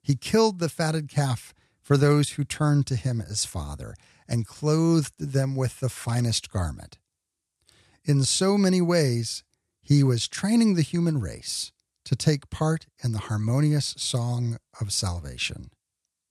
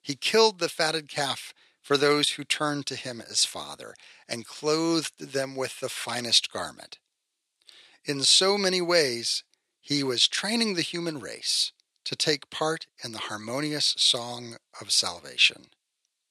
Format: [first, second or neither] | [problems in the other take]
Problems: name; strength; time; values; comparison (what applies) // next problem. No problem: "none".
first | thin; somewhat; fading below 400 Hz